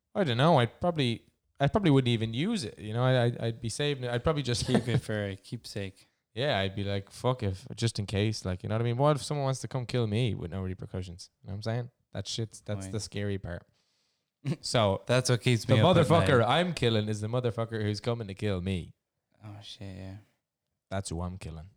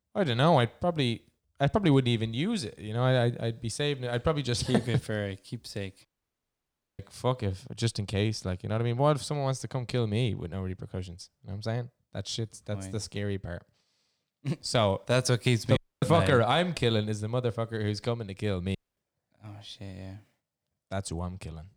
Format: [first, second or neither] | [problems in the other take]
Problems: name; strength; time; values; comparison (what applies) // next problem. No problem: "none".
first | audio cutting out; at 6 s for 1 s, at 16 s and at 19 s